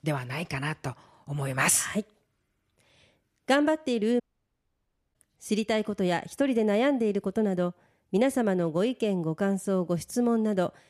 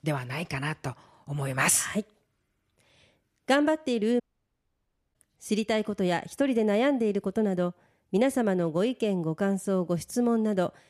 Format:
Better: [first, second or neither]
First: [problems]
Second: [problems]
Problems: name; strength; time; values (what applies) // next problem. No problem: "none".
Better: neither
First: audio cutting out; at 4 s for 1 s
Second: audio cutting out; at 4 s for 1 s